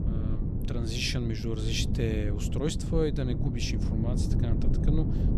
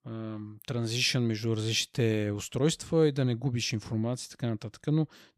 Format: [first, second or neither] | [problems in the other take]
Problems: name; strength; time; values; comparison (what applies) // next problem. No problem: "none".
second | wind noise on the microphone; heavy; 6 dB below the speech